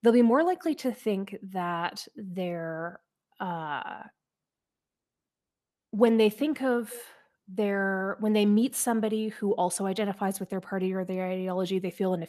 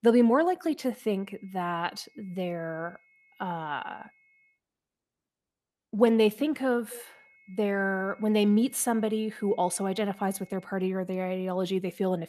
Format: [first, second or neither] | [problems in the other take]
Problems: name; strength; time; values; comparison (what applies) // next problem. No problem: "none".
first | high-pitched whine; faint; from 1 to 4.5 s and from 7 to 11 s; 2 kHz, 30 dB below the speech